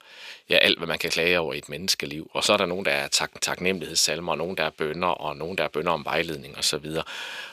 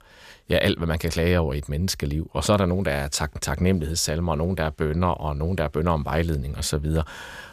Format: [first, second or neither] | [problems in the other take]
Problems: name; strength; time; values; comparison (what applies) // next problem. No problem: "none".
second | thin; somewhat; fading below 300 Hz